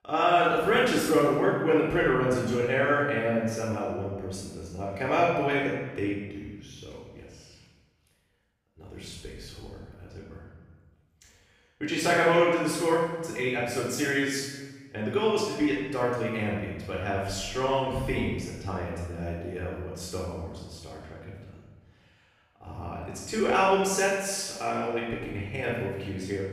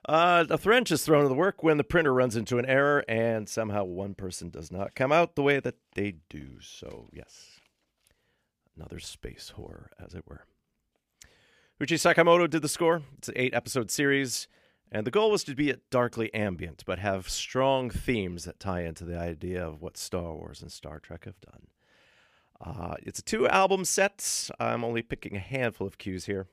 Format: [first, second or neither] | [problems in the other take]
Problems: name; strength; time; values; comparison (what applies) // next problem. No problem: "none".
second | off-mic speech; far // room echo; strong; dies away in 1.2 s